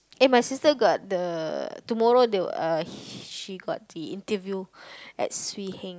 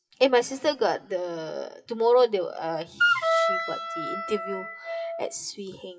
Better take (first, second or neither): first